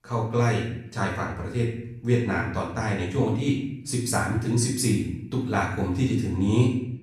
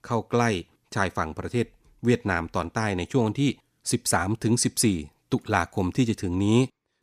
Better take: second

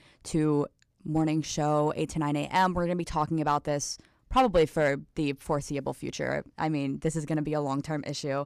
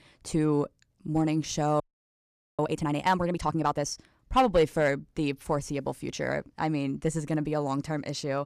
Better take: first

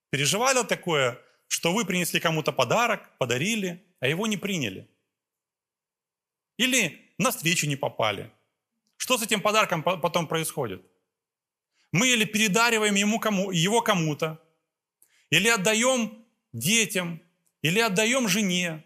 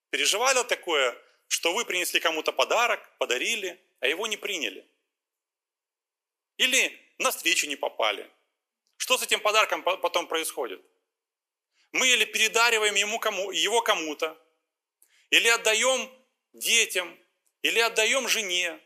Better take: first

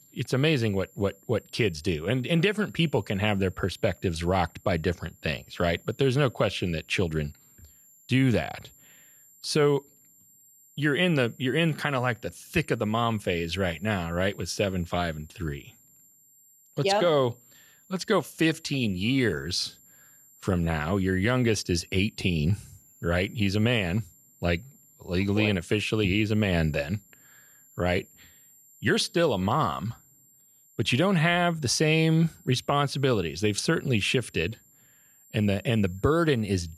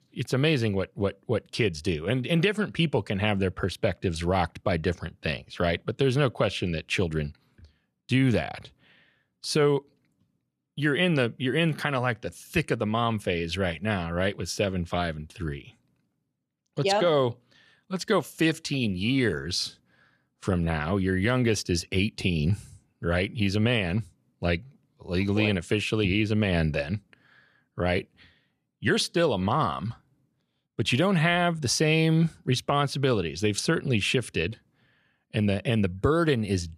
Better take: second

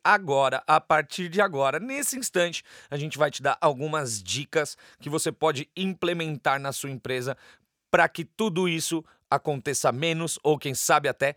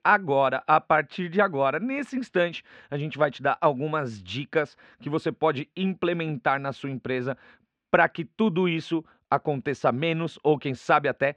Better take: first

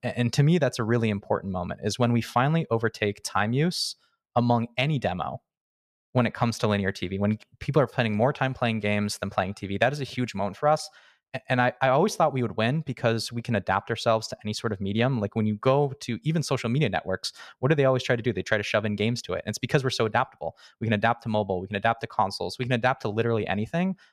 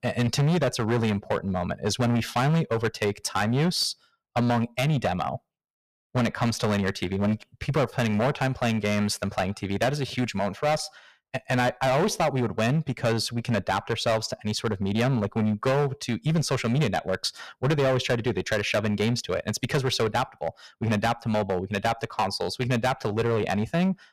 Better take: first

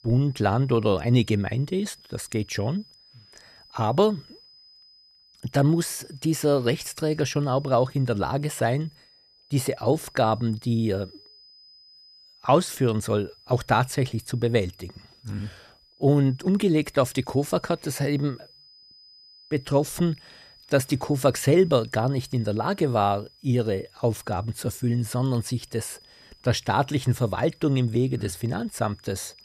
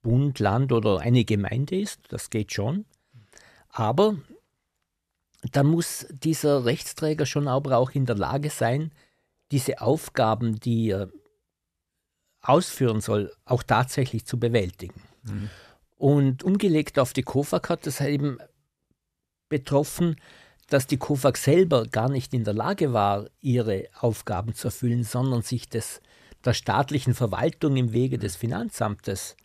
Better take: second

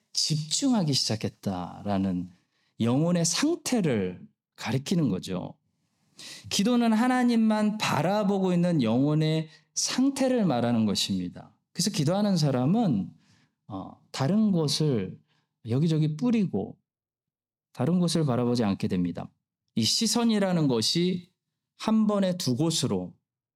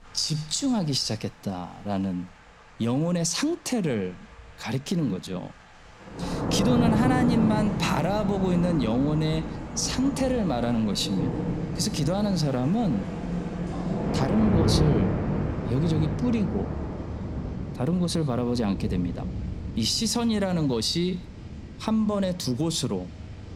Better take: first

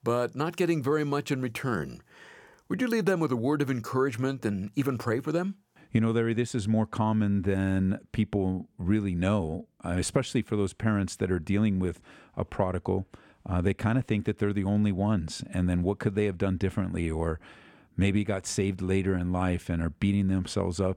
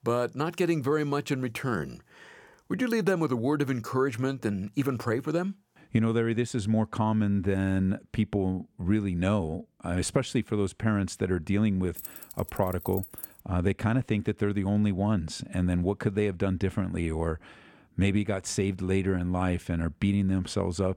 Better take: first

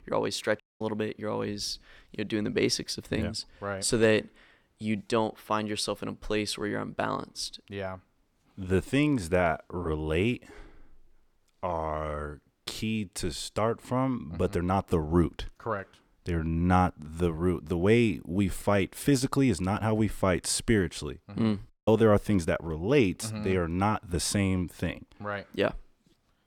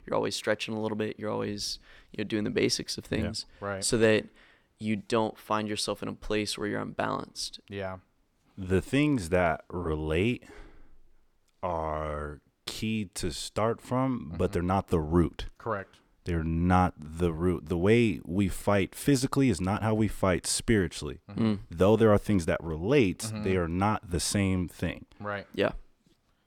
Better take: second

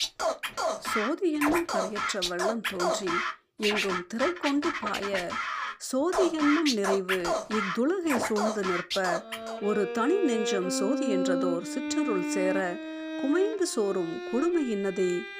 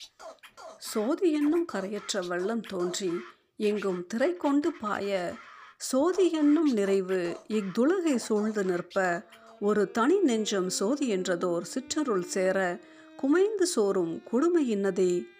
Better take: second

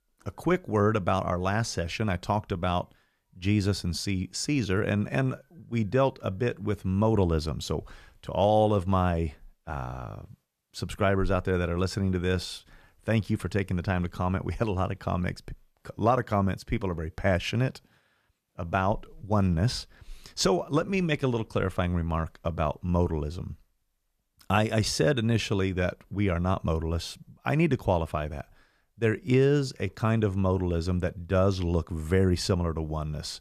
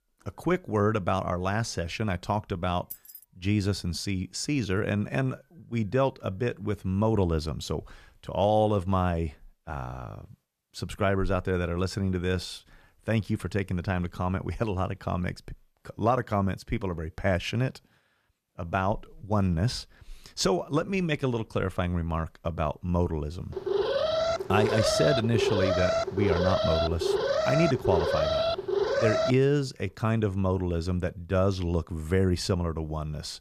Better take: first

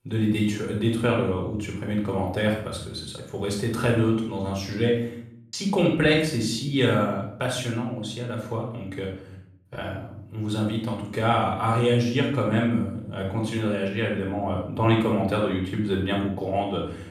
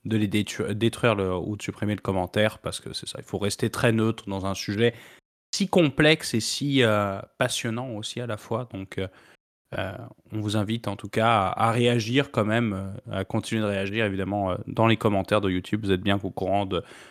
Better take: second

